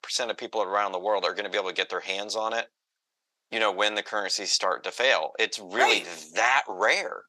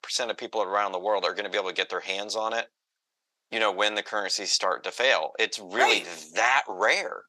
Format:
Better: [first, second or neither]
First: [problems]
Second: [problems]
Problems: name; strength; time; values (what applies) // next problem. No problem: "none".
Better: neither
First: thin; very; fading below 750 Hz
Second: thin; very; fading below 750 Hz